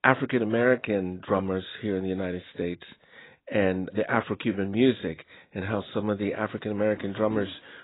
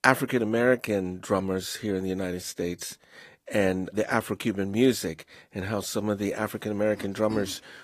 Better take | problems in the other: second | garbled, watery; badly; nothing above 4 kHz; slightly in the second

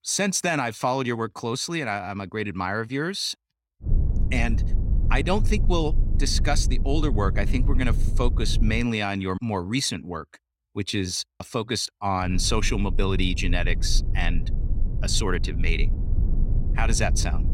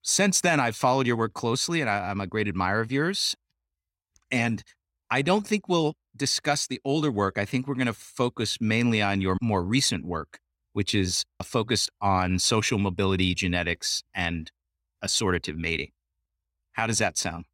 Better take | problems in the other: second | low rumble; noticeable; from 4 to 9 s and from 12 s on; 15 dB below the speech

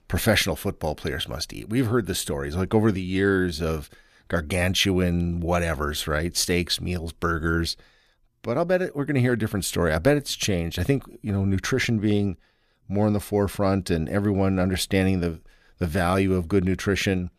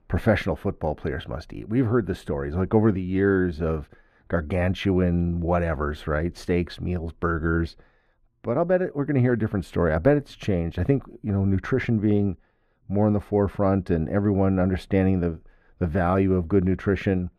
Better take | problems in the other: first | muffled; very; fading above 3 kHz

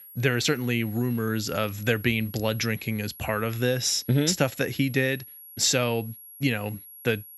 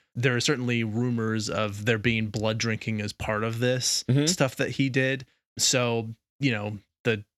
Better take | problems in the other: second | high-pitched whine; noticeable; throughout; 11.5 kHz, 15 dB below the speech

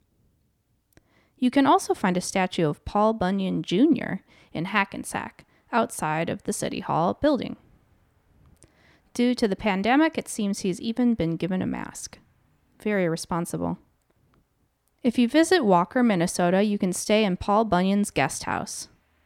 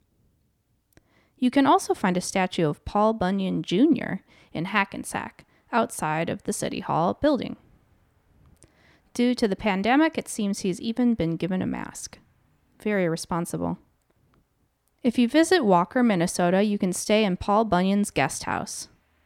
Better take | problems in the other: neither | none

